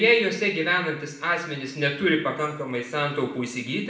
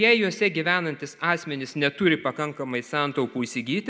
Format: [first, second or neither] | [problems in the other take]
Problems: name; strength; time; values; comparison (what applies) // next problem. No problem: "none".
second | room echo; dies away in 0.6 s